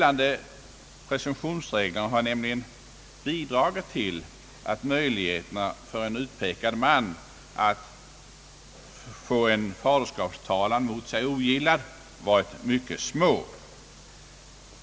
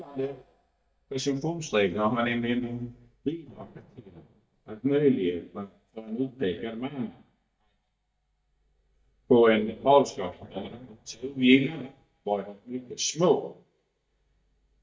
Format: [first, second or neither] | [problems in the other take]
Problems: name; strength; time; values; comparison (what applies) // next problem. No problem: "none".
first | noise reduction (neural mask model DeepFilterNet 3)